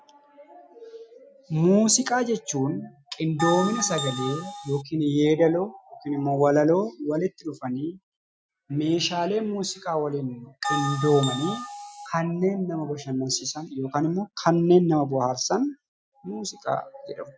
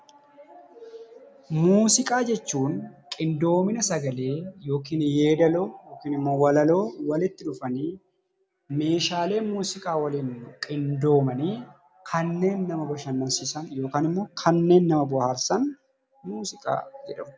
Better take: second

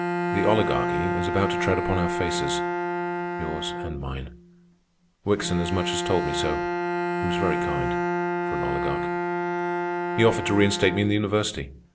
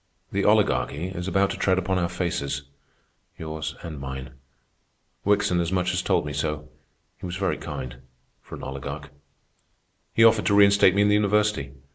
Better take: second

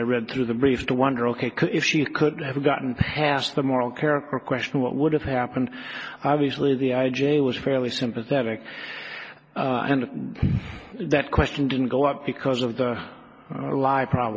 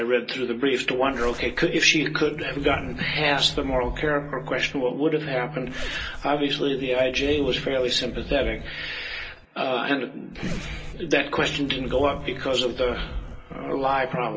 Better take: first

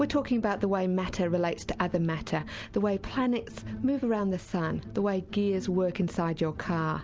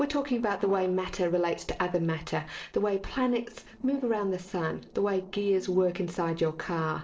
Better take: first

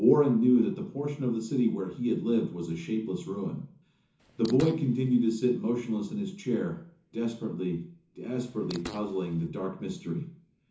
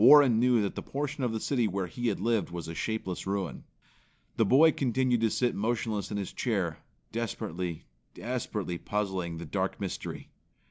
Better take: second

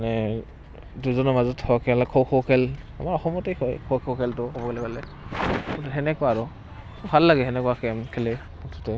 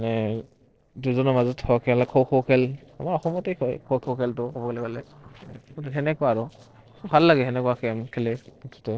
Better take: first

